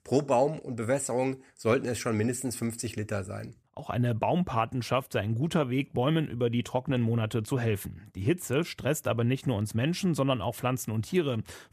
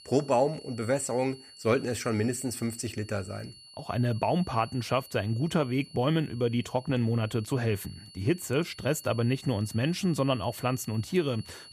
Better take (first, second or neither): first